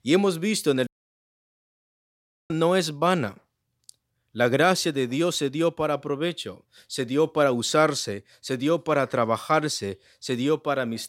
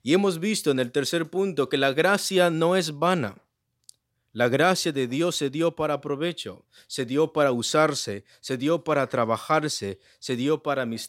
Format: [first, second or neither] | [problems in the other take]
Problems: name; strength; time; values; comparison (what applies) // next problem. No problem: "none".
second | audio cutting out; at 1 s for 1.5 s